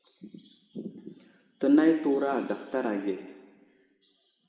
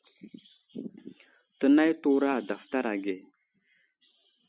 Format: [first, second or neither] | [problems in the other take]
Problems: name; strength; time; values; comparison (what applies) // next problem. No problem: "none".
second | room echo; dies away in 1.3 s